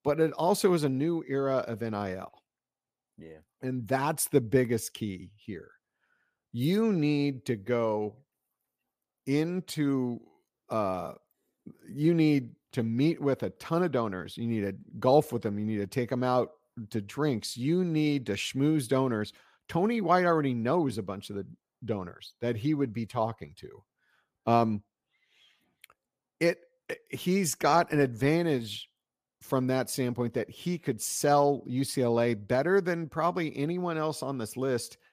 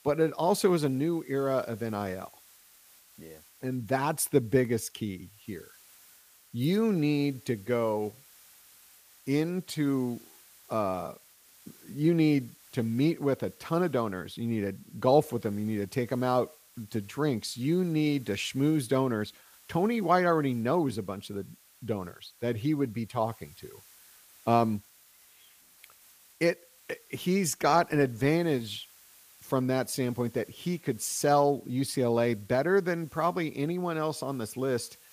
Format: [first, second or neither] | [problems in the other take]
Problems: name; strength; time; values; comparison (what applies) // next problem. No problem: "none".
first | hiss; faint; throughout; 25 dB below the speech